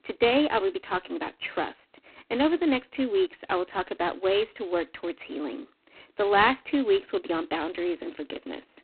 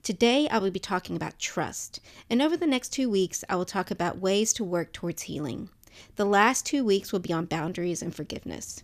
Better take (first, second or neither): second